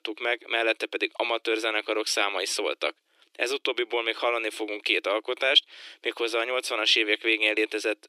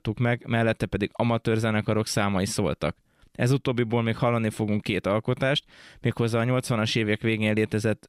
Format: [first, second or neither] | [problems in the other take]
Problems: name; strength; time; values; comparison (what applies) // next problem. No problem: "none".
second | thin; very; fading below 300 Hz